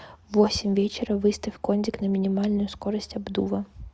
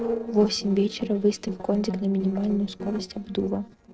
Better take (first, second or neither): first